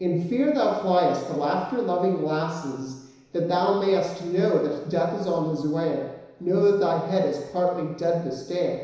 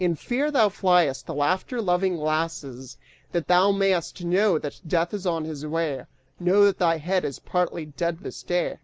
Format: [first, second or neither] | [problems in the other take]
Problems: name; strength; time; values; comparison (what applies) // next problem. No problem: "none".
second | room echo; dies away in 1 s